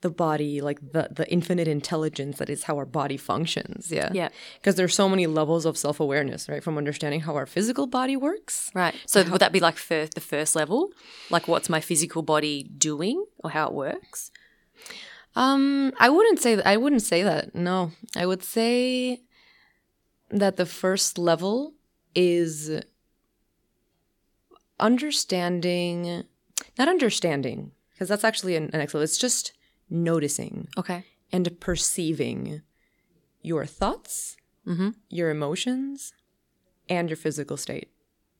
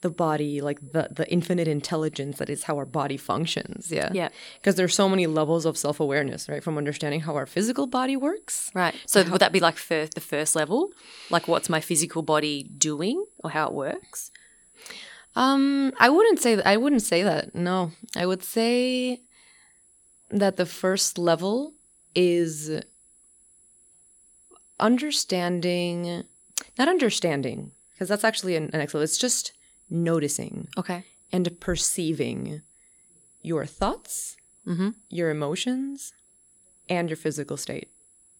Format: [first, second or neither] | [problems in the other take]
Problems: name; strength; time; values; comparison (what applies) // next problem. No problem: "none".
first | high-pitched whine; faint; throughout; 10.5 kHz, 30 dB below the speech